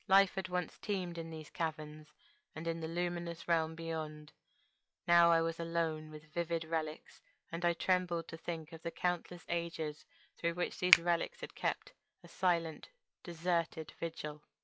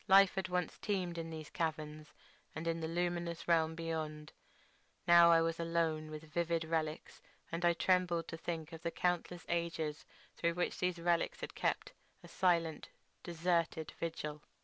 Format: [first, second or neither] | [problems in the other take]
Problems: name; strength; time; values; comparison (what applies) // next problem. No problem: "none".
second | noise reduction (classical method log-MMSE)